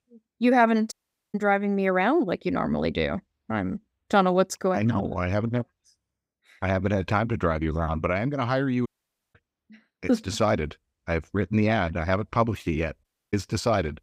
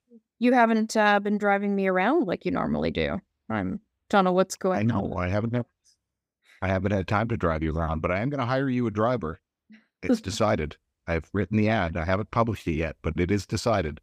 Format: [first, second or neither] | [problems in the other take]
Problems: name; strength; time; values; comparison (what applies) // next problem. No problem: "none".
second | audio cutting out; at 1 s, at 9 s and at 13 s